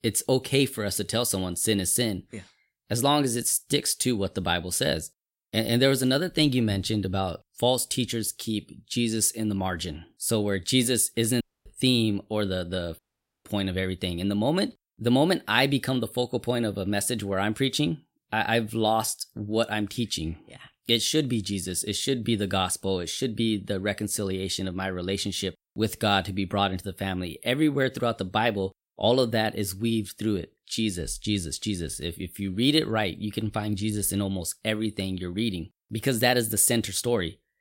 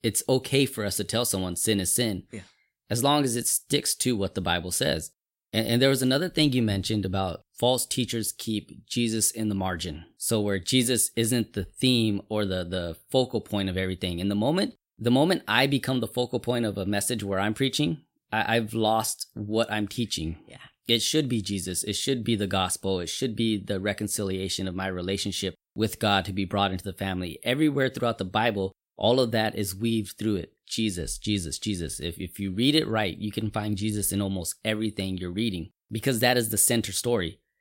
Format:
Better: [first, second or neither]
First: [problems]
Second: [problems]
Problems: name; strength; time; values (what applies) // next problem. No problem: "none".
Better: second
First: audio cutting out; at 11 s and at 13 s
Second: none